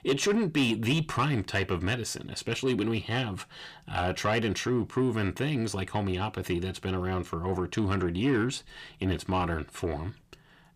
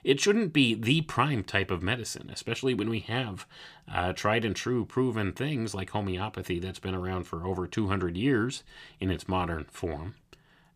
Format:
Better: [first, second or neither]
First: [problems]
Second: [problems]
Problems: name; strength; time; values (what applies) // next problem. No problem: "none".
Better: second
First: distortion; slight; 10 dB below the speech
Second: none